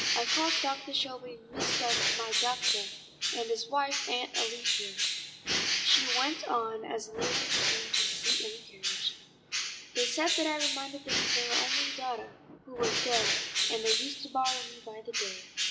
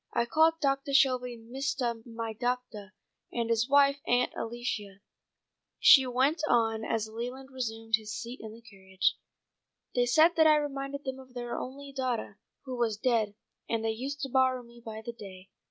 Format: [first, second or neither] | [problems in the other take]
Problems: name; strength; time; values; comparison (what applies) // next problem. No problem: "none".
second | background sound (Bird); 3 dB above the speech // room echo; dies away in 0.8 s